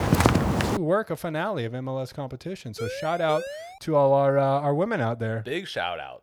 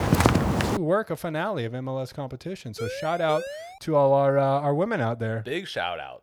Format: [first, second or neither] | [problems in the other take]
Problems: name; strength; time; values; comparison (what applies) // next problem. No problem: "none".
neither | footsteps; loud; at the start; peak 6 dB above the speech; the same in both // siren; noticeable; from 3 to 4 s; peak 8 dB below the speech; the same in both